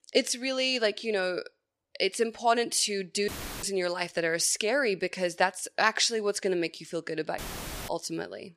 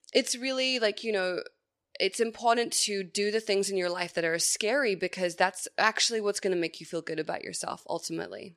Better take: second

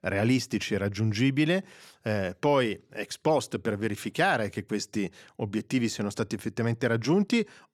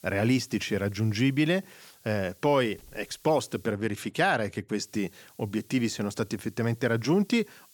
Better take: first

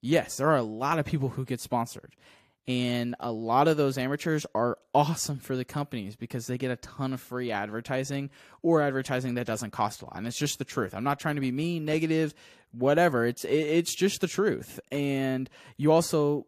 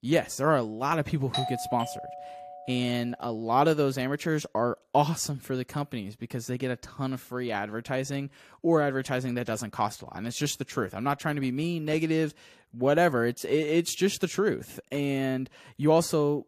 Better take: first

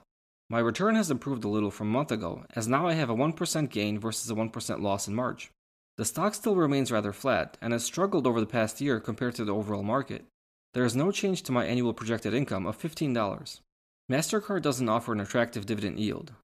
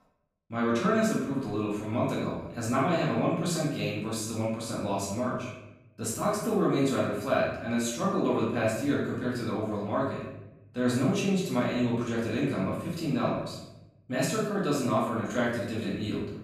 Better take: first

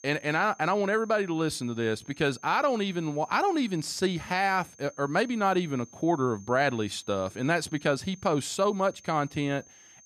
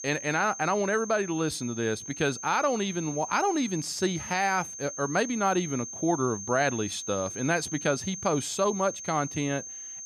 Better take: first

